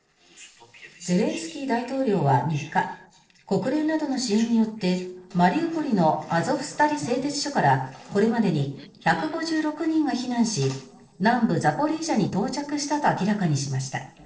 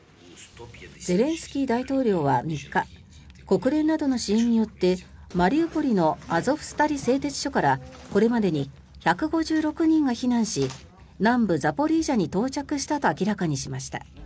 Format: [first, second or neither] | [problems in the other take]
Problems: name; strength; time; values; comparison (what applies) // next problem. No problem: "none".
second | noise reduction (neural separator model SepFormer DNS4)